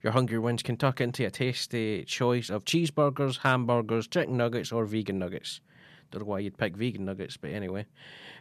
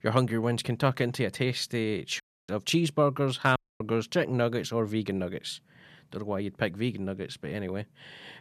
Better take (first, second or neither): first